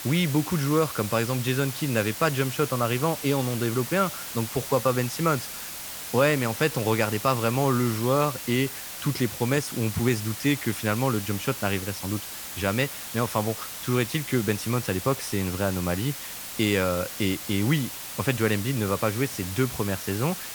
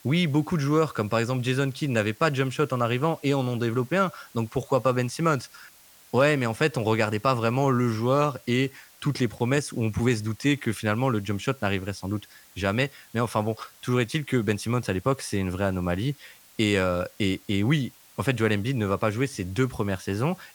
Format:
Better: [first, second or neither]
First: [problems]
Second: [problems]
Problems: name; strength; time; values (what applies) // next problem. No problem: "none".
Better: second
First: hiss; loud; throughout; 7 dB below the speech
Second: hiss; faint; throughout; 25 dB below the speech